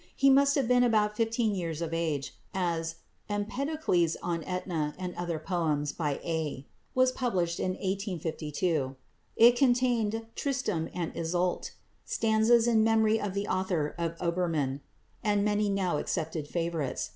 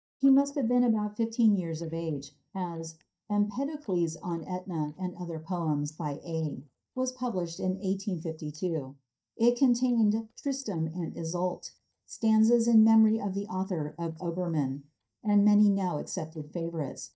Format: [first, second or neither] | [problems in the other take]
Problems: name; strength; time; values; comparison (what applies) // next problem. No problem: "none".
first | noise reduction (neural mask model DeepFilterNet 3)